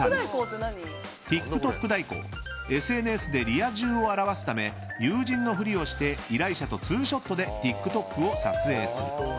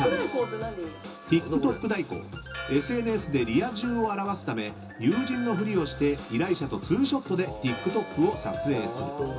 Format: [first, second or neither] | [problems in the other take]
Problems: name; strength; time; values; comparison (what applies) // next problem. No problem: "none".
first | background sound (Church bell); 18 dB below the speech // room echo; dies away in 0.2 s